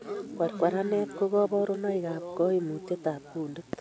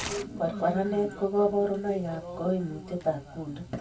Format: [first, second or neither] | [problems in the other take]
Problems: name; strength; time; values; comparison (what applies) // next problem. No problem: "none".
first | background sound (Tearing); 17 dB below the speech // room echo; dies away in 0.1 s